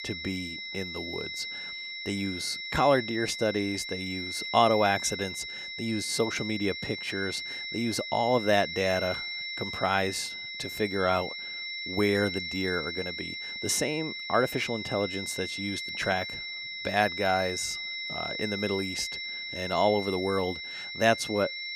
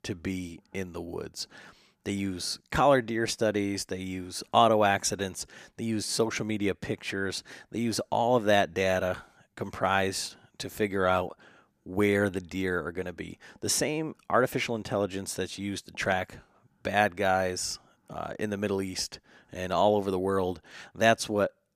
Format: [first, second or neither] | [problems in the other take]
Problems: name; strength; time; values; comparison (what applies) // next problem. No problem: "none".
second | high-pitched whine; loud; throughout; 2 kHz, 5 dB below the speech